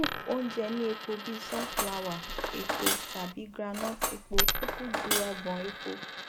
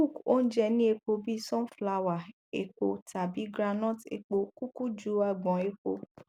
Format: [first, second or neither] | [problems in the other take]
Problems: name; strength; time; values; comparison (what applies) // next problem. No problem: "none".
second | background sound (Cutlery, silverware + Coin (dropping)); 3 dB above the speech